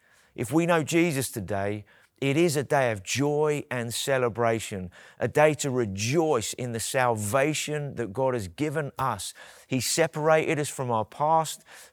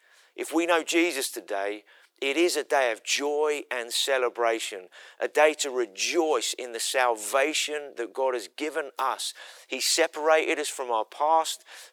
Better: first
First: none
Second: thin; very; fading below 350 Hz

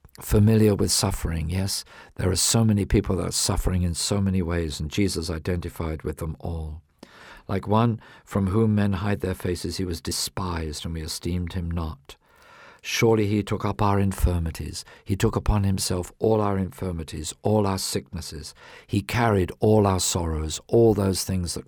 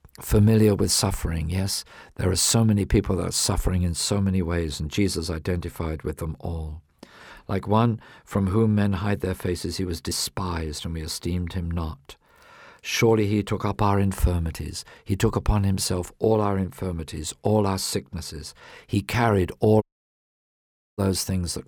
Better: first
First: none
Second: audio cutting out; at 20 s for 1 s

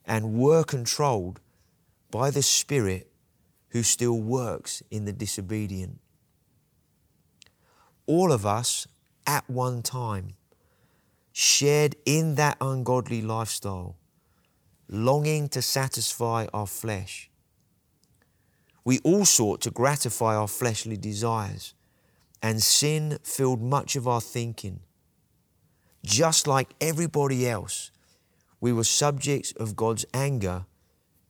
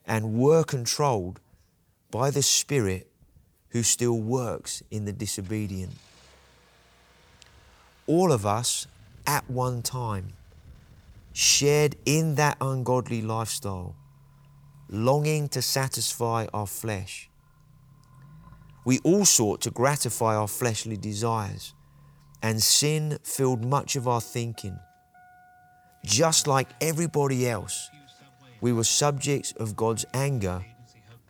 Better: first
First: none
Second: traffic noise; faint; throughout; 30 dB below the speech

